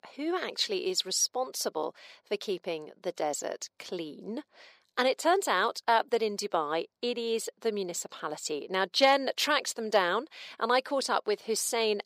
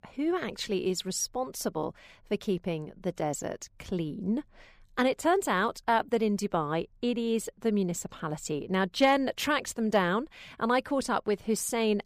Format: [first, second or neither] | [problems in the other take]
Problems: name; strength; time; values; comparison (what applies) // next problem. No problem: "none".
second | thin; somewhat; fading below 450 Hz